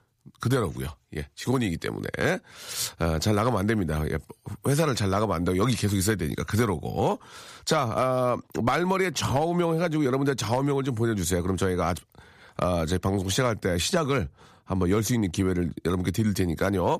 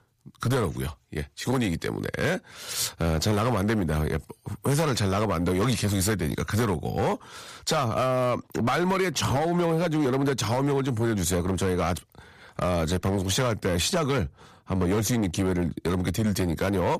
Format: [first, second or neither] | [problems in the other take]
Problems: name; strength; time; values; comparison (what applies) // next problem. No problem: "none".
first | distortion; slight; 12% of the sound clipped